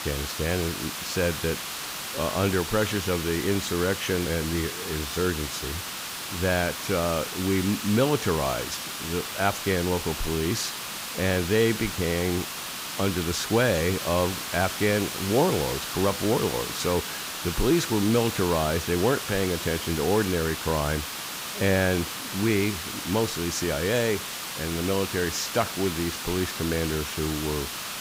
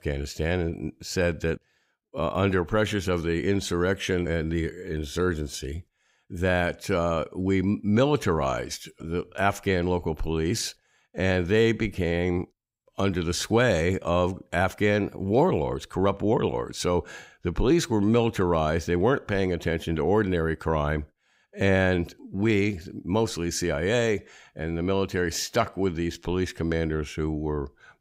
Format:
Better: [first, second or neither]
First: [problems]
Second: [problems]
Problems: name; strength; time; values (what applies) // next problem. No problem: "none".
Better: second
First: hiss; loud; throughout; 5 dB below the speech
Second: none